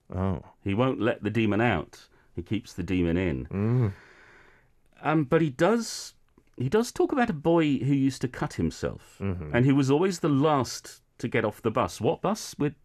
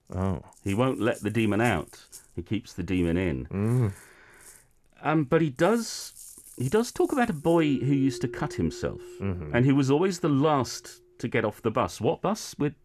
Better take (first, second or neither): first